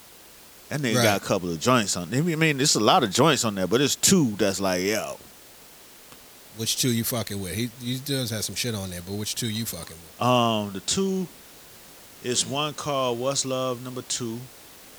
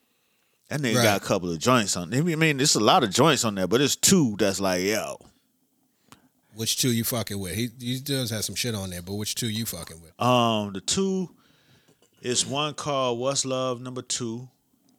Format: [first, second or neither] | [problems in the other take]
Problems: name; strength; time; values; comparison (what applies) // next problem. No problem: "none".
second | hiss; faint; throughout; 20 dB below the speech